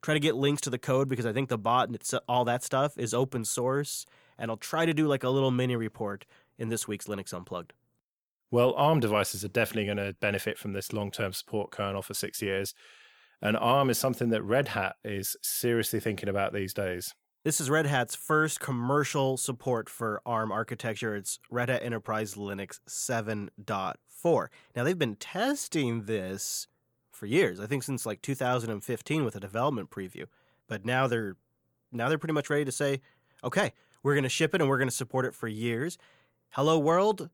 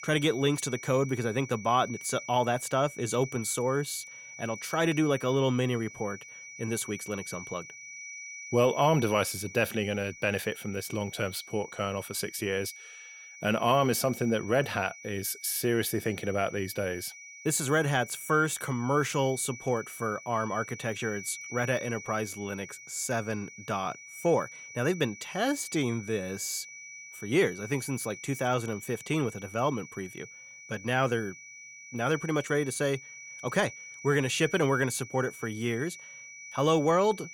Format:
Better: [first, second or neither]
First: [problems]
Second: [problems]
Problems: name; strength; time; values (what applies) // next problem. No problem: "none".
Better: first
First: none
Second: high-pitched whine; noticeable; throughout; 2.5 kHz, 15 dB below the speech